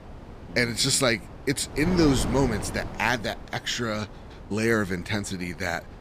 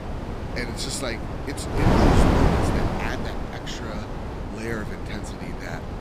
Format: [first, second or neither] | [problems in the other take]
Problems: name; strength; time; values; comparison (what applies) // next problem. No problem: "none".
first | wind noise on the microphone; heavy; 5 dB above the speech; occasional gusts in the first